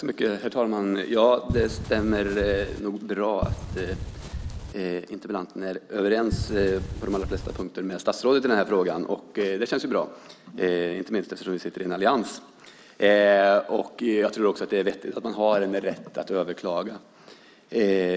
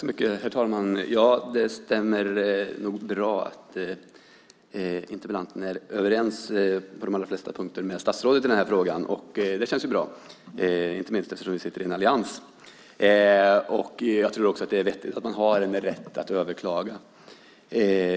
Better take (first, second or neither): second